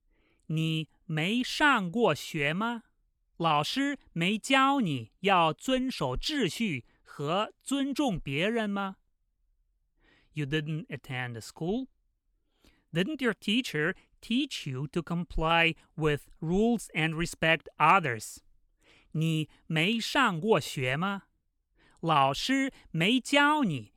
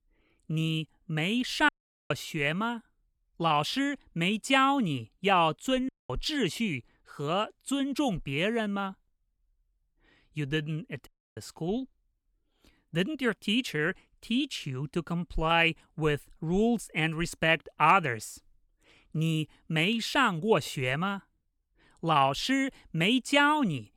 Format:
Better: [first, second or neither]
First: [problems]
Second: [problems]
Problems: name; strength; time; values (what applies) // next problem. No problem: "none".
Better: first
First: none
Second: audio cutting out; at 1.5 s, at 6 s and at 11 s